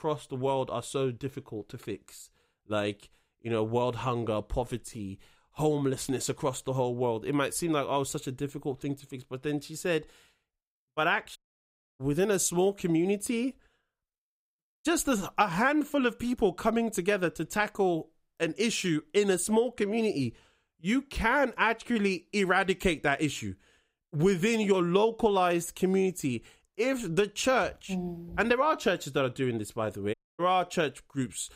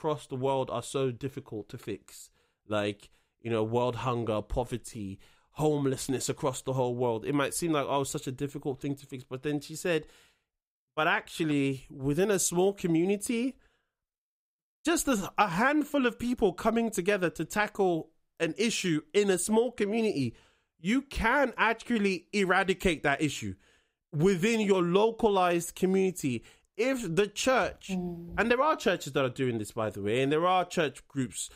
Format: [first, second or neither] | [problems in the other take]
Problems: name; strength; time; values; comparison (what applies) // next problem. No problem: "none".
second | audio cutting out; at 11 s for 0.5 s and at 30 s